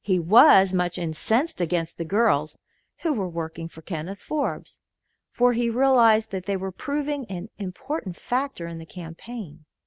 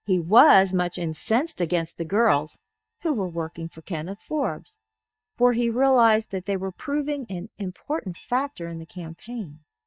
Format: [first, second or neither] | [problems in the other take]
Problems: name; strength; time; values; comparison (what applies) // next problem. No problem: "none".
first | noise reduction (neural mask model DeepFilterNet 3)